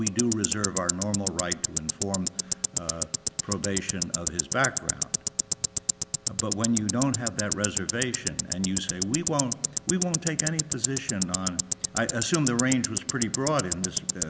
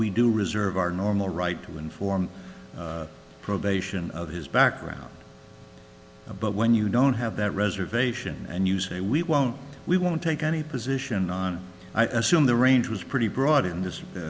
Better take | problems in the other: second | background sound (Tick-tock); as loud as the speech

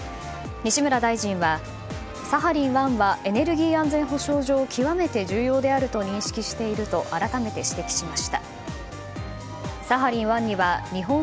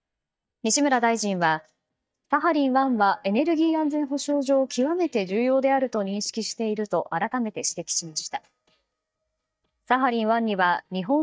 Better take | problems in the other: first | noise reduction (neural mask model DeepFilterNet 3)

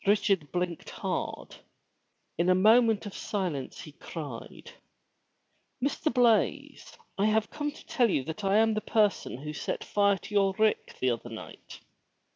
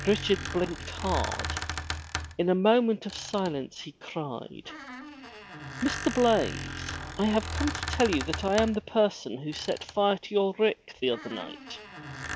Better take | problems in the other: first | background sound (Squeak); 9 dB below the speech

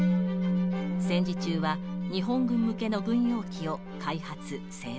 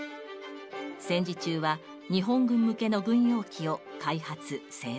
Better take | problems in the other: second | background sound (Musical instrument); as loud as the speech

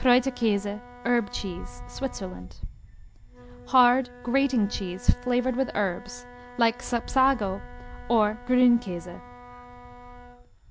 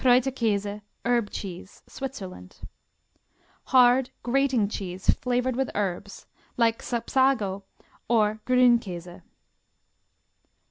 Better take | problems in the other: second | background sound (Wind + Wind instrument, woodwind instrument); 15 dB below the speech

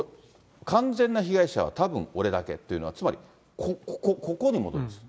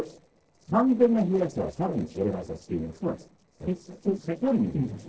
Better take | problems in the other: first | noise reduction (neural separator model SepFormer DNS4)

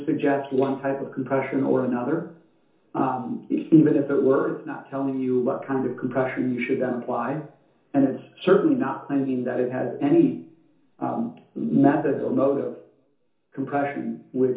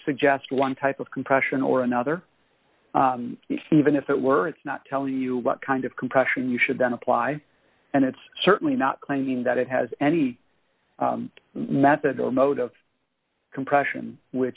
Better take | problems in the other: second | room echo; dies away in 0.6 s

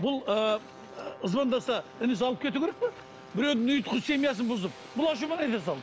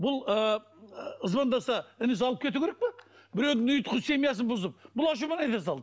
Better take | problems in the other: second | background sound (Brass instrument + Hiss); 18 dB below the speech

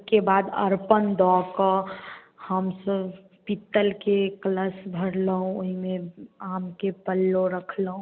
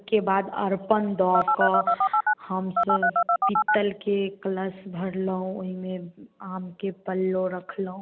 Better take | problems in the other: first | background sound (Telephone); 5 dB above the speech

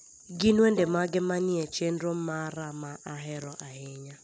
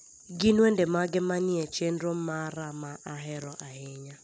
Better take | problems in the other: second | background sound (Bowed string instrument); 20 dB below the speech

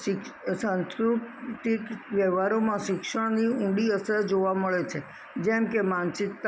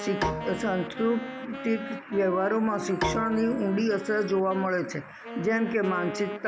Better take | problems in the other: first | background sound (Bowed string instrument + Wind instrument, woodwind instrument); 8 dB below the speech

